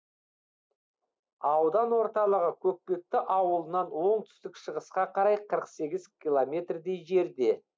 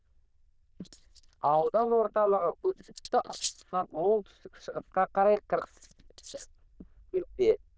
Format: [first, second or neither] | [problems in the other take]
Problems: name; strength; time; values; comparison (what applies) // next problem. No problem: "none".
first | noise reduction (neural diffusion model UNIVERSE++)